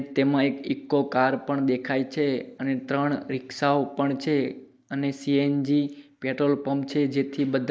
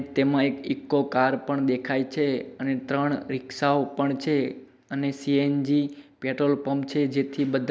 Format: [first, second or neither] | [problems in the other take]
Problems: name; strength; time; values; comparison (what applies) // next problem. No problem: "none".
second | noise reduction (neural mask model Resemble Enhance denoiser)